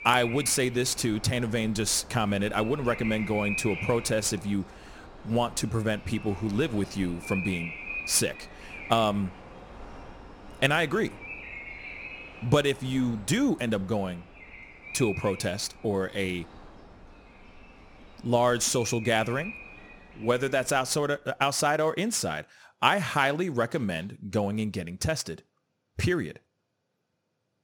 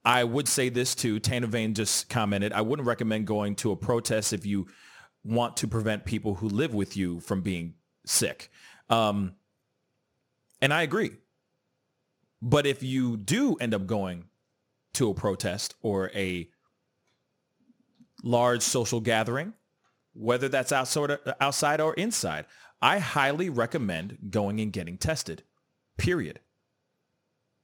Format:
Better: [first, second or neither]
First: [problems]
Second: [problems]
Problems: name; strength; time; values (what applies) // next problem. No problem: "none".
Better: second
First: animal sounds; noticeable; until 21 s; 15 dB below the speech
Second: none